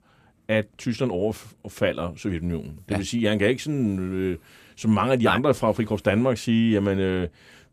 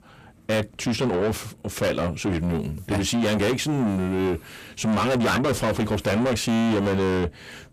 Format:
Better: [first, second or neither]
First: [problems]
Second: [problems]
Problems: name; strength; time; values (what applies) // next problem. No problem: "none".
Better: first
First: none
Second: distortion; heavy; 6 dB below the speech